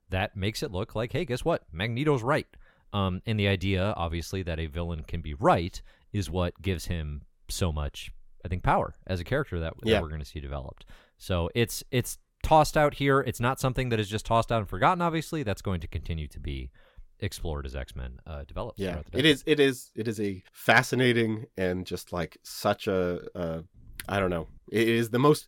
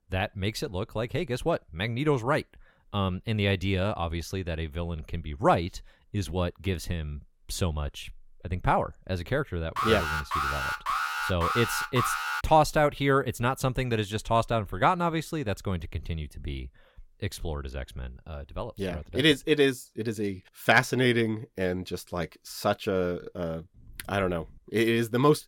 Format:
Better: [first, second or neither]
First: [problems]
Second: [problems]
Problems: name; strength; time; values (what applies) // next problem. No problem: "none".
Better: first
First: none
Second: alarm; loud; from 10 to 12 s; peak level with the speech